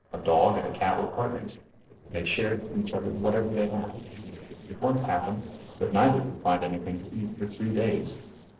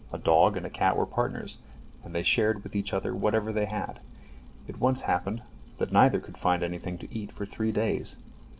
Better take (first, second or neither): second